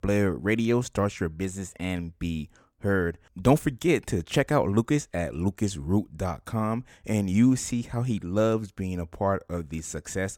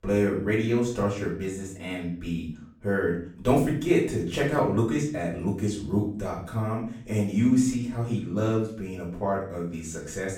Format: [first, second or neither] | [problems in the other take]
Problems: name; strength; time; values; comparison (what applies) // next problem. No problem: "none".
first | off-mic speech; far // room echo; noticeable; dies away in 0.5 s